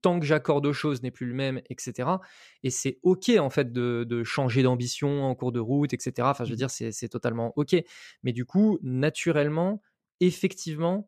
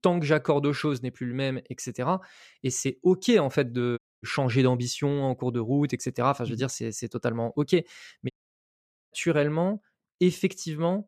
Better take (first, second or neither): first